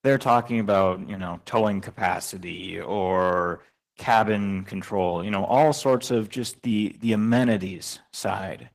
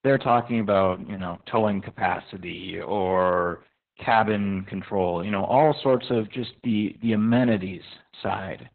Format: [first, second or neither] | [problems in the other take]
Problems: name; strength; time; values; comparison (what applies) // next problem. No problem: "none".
first | garbled, watery; badly; nothing above 4 kHz; slightly in the first